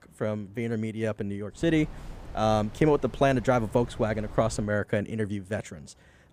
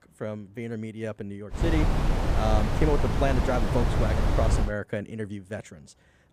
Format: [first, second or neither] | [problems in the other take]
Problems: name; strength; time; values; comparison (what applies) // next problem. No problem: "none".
first | wind noise on the microphone; heavy; from 1.5 to 4.5 s; 1 dB below the speech; occasional gusts in the first